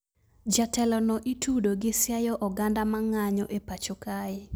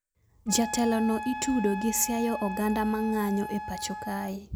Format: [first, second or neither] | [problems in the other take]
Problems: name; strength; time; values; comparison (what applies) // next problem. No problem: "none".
first | background sound (Wind instrument, woodwind instrument); 9 dB below the speech